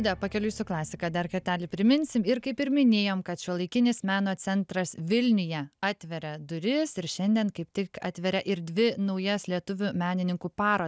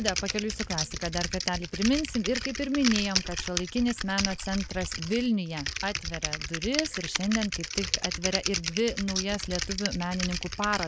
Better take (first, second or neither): first